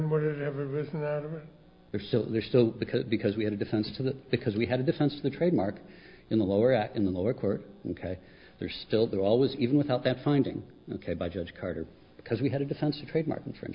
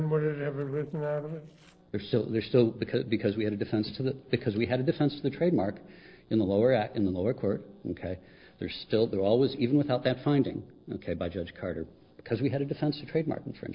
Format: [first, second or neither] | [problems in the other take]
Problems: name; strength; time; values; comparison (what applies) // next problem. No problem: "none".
first | noise reduction (neural separator model SepFormer DNS4)